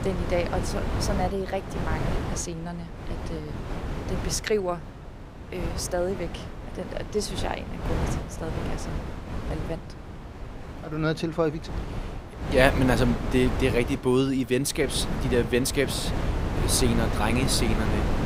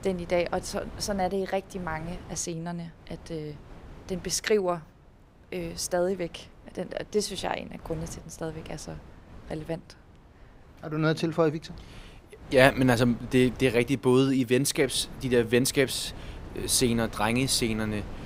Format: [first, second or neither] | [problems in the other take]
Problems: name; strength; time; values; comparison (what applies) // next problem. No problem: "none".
second | wind noise on the microphone; heavy; 7 dB below the speech; occasional gusts in the second